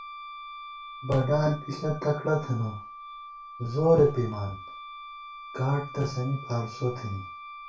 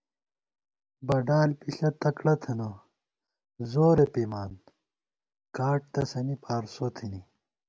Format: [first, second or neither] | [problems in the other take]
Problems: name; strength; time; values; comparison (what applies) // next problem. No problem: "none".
second | background sound (Wind instrument, woodwind instrument); 13 dB below the speech // room echo; dies away in 0.2 s